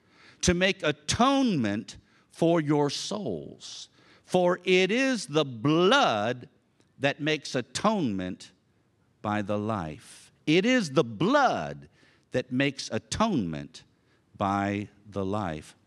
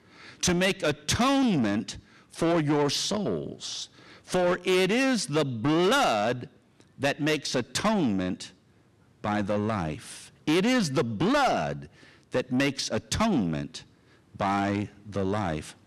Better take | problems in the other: first | distortion; heavy; 8 dB below the speech

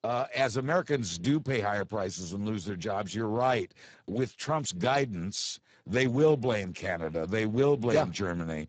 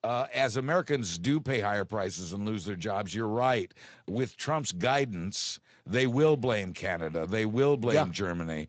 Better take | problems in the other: second | garbled, watery; badly; nothing above 7.5 kHz; slightly in the second

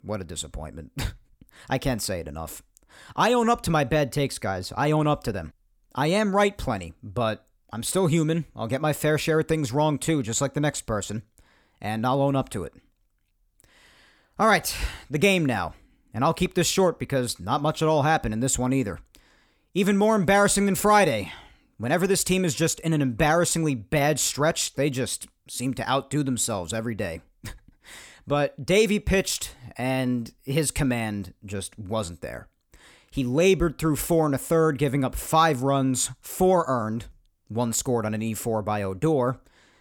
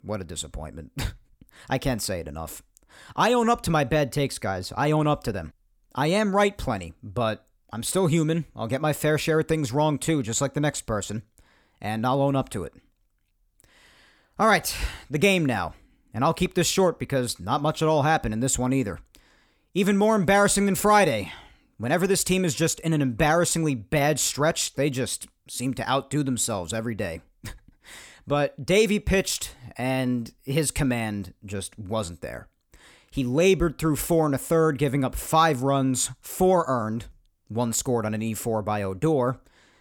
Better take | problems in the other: neither | none

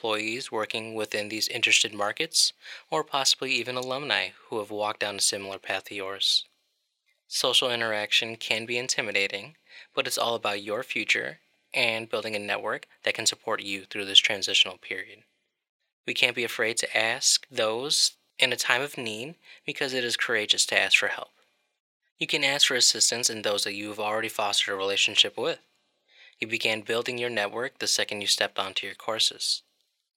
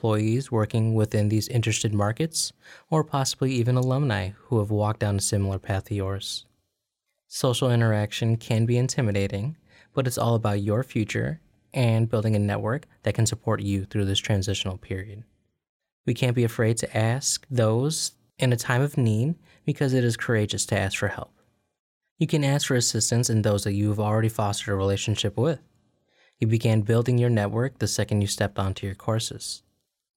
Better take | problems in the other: second | thin; very; fading below 500 Hz

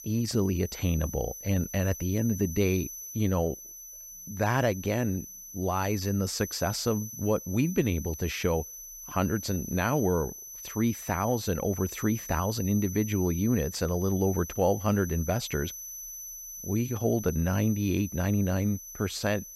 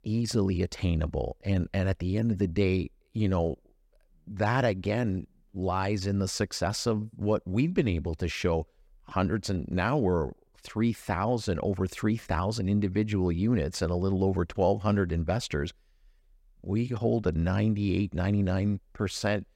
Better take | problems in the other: second | high-pitched whine; noticeable; throughout; 6 kHz, 10 dB below the speech

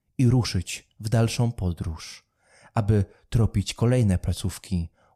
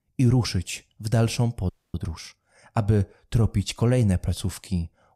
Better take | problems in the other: first | audio freezing; at 1.5 s

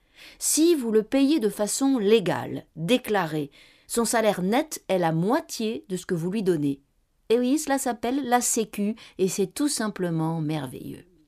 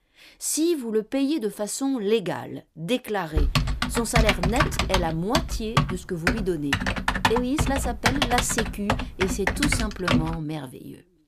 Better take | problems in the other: first | keyboard typing; loud; from 3.5 to 10 s; peak 5 dB above the speech

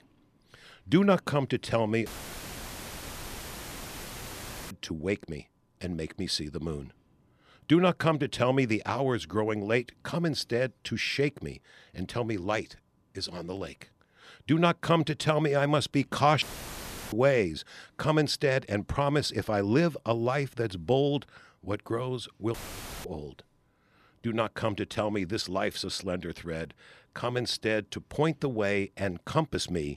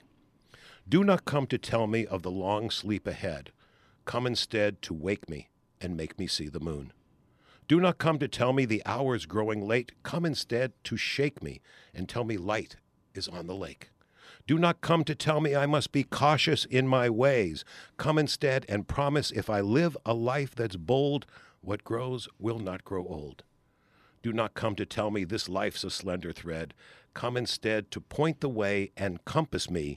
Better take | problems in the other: second | audio cutting out; filled with static; at 2 s for 2.5 s, at 16 s for 0.5 s and at 23 s for 0.5 s

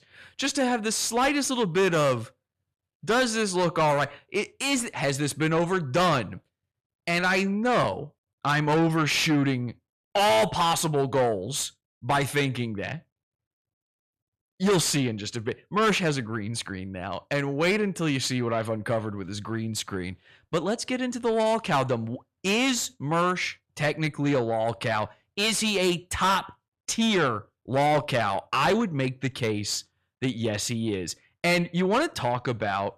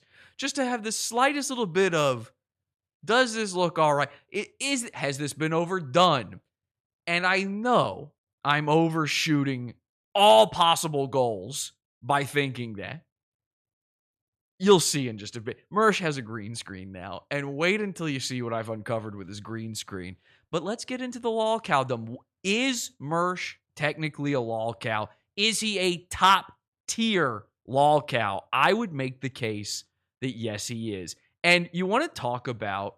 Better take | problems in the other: second | distortion; heavy; 6 dB below the speech

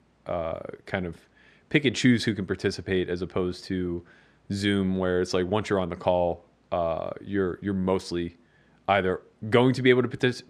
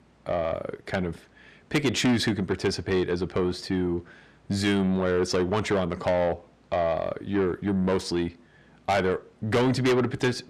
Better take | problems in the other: first | distortion; heavy; 8 dB below the speech

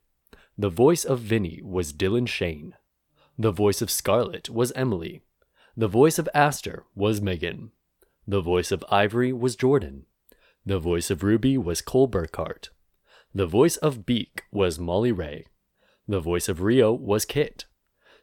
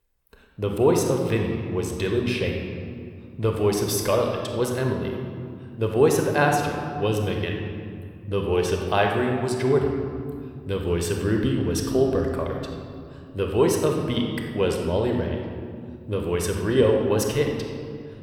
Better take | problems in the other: first | room echo; noticeable; dies away in 1.9 s

